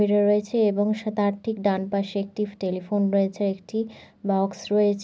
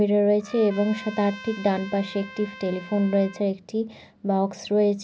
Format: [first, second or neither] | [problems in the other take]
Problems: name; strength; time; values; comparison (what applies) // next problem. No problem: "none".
first | background sound (Trumpet); 18 dB below the speech